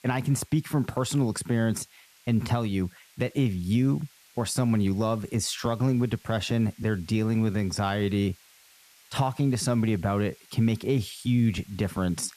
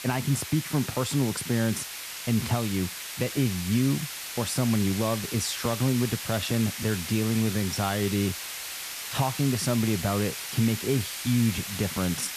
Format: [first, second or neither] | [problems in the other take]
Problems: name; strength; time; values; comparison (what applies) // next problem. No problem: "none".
first | hiss; loud; throughout; 6 dB below the speech; faint in the first